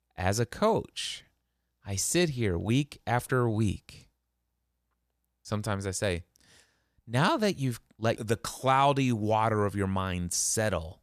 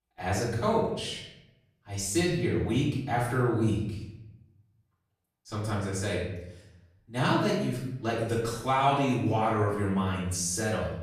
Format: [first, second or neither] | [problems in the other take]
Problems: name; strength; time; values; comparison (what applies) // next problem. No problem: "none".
first | off-mic speech; far // room echo; noticeable; dies away in 0.8 s